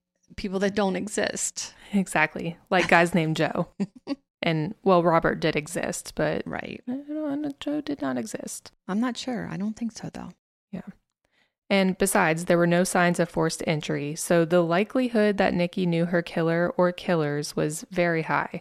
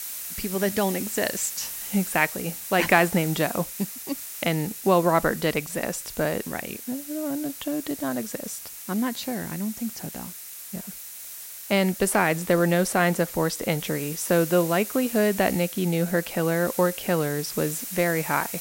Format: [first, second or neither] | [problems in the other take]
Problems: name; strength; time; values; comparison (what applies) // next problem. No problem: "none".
first | hiss; loud; throughout; 9 dB below the speech